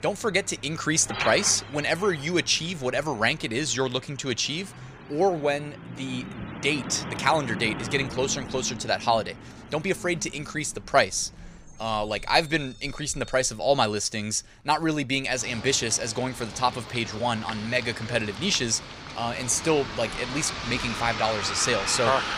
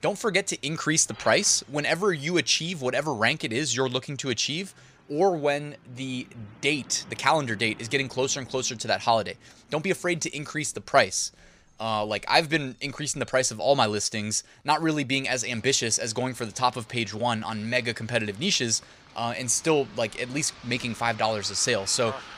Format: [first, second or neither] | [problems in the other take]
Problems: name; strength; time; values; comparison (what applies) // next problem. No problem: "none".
second | traffic noise; loud; throughout; 10 dB below the speech; faint in the second